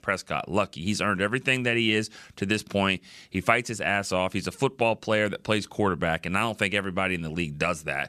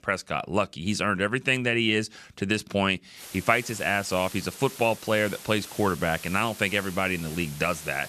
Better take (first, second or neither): first